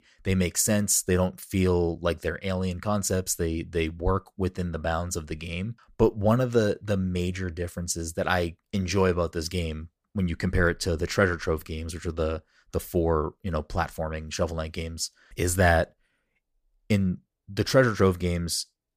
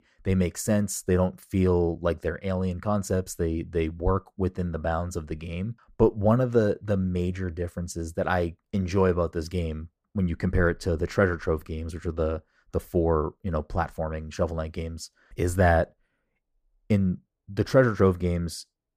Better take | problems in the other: first | muffled; slightly; fading above 2 kHz

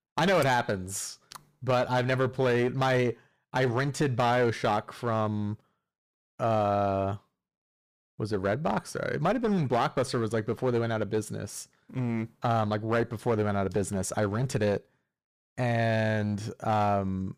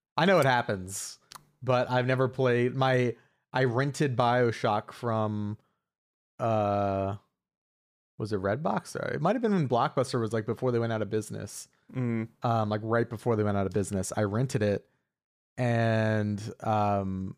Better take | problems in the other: second | distortion; slight; 8% of the sound clipped

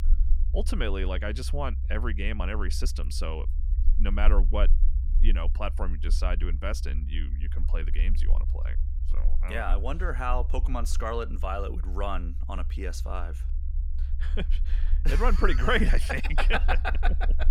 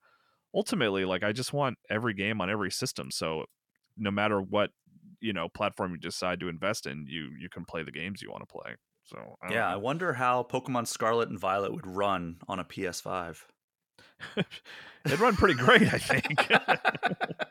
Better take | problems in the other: second | low rumble; noticeable; throughout; 20 dB below the speech

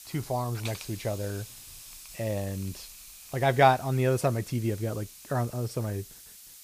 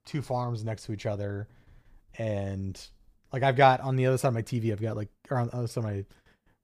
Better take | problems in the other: second | hiss; noticeable; throughout; 15 dB below the speech

